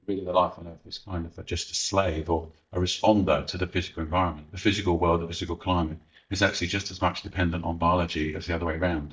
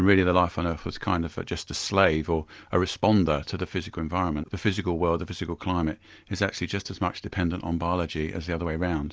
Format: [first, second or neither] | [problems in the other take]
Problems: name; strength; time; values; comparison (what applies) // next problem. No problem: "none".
second | noise reduction (neural mask model DeepFilterNet 3)